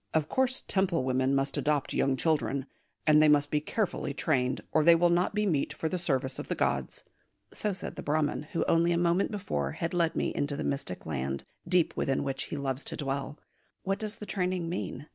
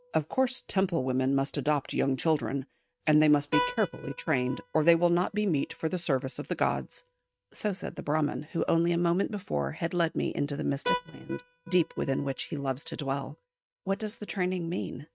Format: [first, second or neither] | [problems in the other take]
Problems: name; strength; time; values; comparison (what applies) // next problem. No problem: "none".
first | noise reduction (neural mask model RNNoise)